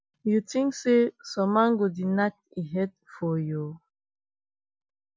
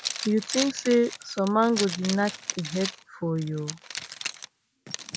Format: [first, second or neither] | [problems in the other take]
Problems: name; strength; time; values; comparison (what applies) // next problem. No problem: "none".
first | background sound (Zipper (clothing)); 9 dB below the speech